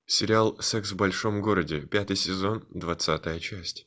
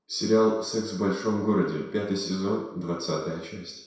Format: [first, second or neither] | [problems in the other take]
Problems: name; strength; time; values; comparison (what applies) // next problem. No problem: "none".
first | room echo; dies away in 0.7 s